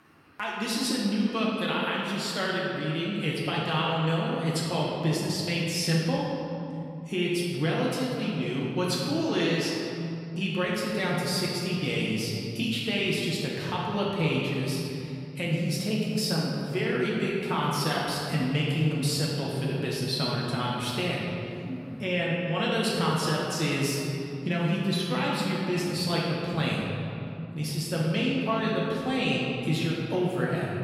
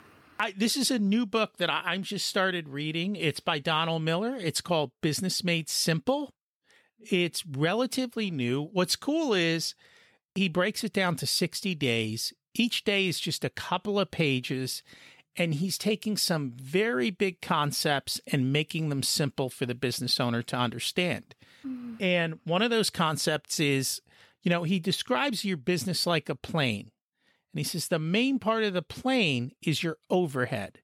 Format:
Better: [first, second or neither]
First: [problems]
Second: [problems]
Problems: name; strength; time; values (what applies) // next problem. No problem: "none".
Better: second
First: room echo; strong; dies away in 3 s // off-mic speech; far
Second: none